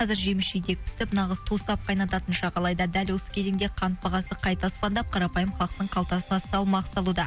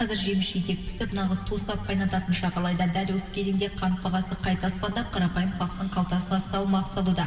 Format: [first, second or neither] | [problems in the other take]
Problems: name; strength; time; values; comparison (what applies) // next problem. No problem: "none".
first | room echo; dies away in 2.2 s